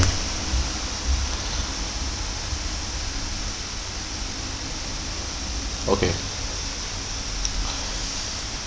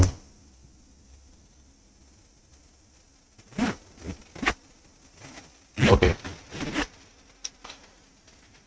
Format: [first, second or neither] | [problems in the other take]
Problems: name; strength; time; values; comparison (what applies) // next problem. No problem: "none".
first | noise reduction (neural mask model RNNoise)